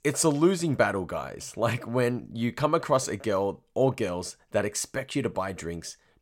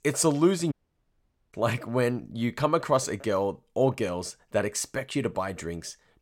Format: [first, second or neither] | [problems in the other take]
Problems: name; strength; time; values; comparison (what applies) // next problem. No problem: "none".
first | audio cutting out; at 0.5 s for 1 s